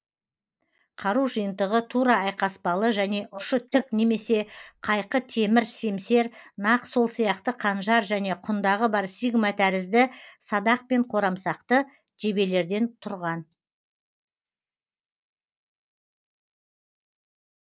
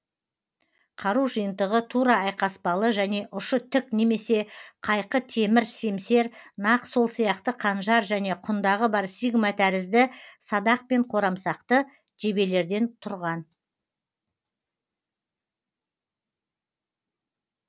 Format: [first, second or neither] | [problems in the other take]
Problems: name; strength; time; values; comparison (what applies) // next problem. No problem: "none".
second | noise reduction (neural mask model Resemble Enhance denoiser)